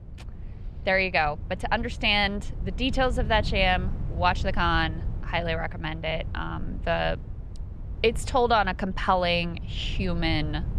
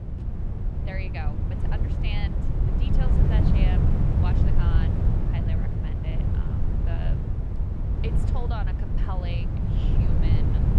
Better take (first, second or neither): first